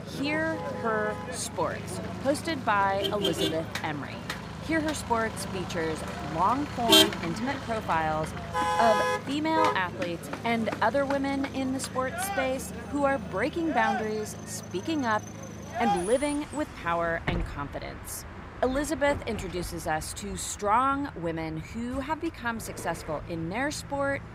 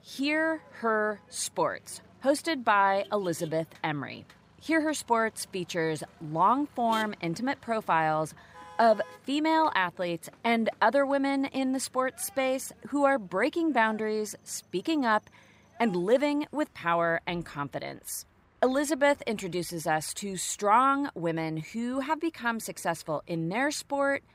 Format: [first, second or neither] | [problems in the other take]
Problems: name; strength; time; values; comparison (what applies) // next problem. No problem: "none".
second | traffic noise; loud; throughout; 2 dB below the speech; faint in the second